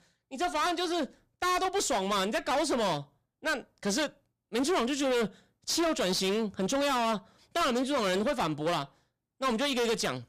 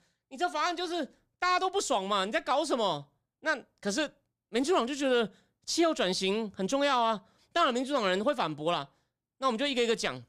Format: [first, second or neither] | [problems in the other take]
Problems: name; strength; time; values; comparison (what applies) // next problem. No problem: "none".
second | distortion; heavy; 19% of the sound clipped